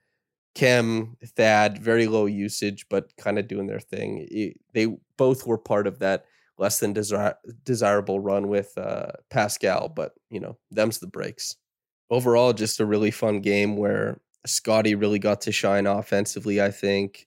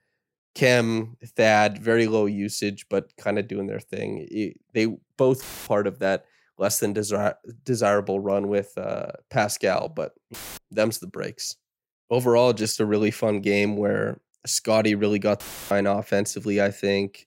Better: first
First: none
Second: audio cutting out; filled with static; at 5.5 s, at 10 s and at 15 s

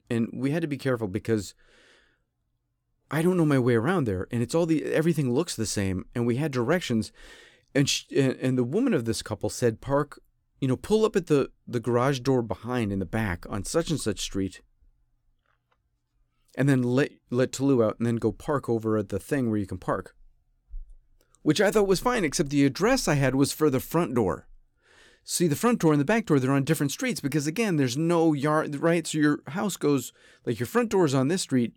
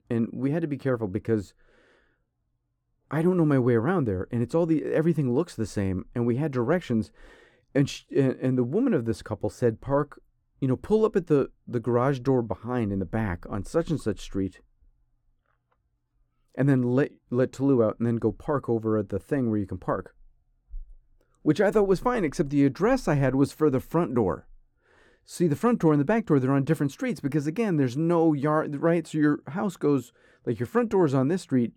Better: first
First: none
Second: muffled; slightly; fading above 2 kHz

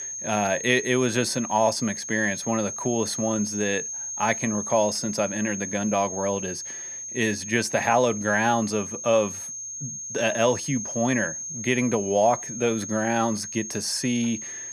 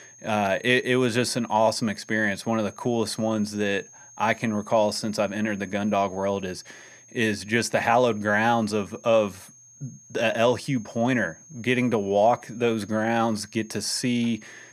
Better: second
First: high-pitched whine; loud; throughout; 6.5 kHz, 7 dB below the speech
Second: high-pitched whine; faint; throughout; 6.5 kHz, 25 dB below the speech

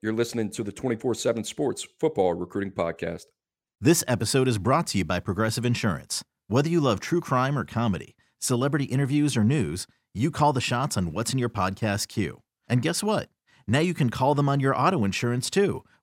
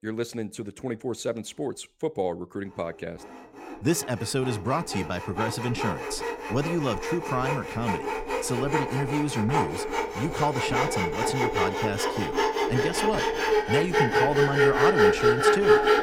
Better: first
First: none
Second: machinery noise; very loud; throughout; 4 dB above the speech

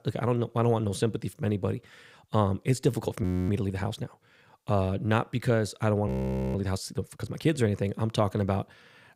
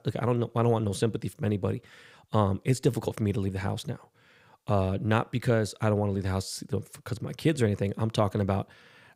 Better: second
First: audio freezing; at 3 s and at 6 s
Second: none

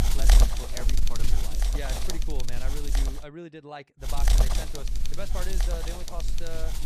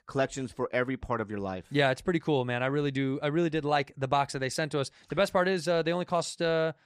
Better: second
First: wind noise on the microphone; heavy; until 3 s and from 4 s on; 5 dB above the speech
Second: none

